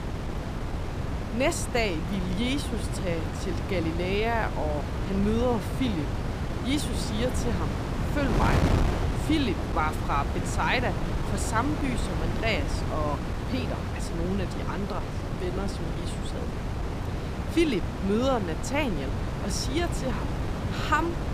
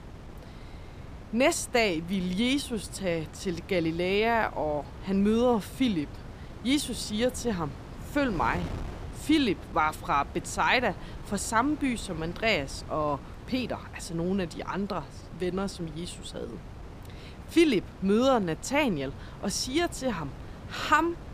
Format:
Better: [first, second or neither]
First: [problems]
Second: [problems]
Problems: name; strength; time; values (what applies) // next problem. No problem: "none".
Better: second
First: wind noise on the microphone; heavy; 5 dB below the speech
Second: wind noise on the microphone; occasional gusts; 20 dB below the speech